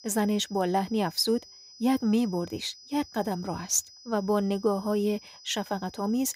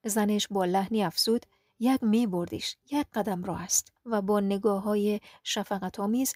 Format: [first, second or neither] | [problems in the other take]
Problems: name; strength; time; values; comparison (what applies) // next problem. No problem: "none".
second | high-pitched whine; noticeable; throughout; 5 kHz, 20 dB below the speech